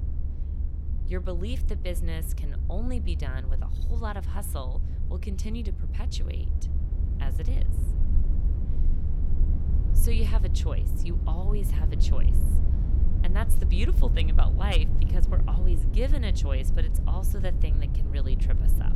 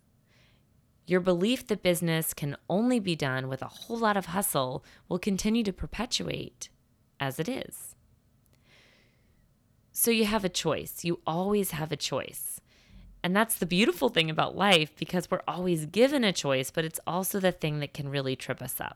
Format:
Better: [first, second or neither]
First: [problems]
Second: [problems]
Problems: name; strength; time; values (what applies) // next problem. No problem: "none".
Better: second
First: low rumble; loud; throughout; 6 dB below the speech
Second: none